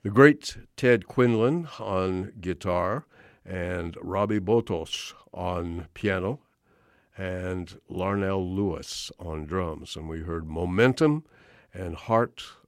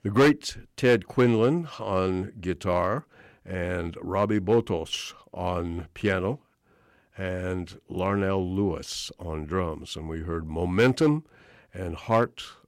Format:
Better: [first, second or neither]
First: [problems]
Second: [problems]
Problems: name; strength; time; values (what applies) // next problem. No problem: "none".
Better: first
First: none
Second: distortion; slight; 1.2% of the sound clipped